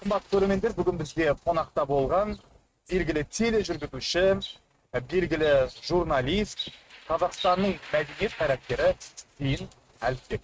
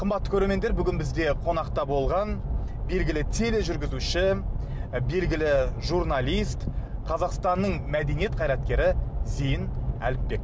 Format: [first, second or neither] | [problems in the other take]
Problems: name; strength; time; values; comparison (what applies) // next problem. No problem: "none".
second | noise reduction (neural mask model RNNoise)